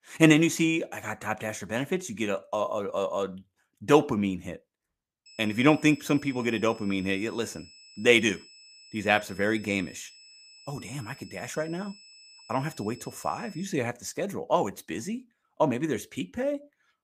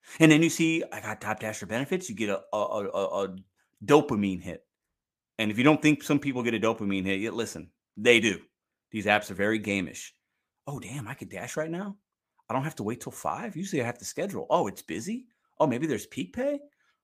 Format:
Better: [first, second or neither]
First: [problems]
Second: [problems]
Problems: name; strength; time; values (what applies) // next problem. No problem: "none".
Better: second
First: high-pitched whine; faint; from 5.5 to 14 s; 5 kHz, 20 dB below the speech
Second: none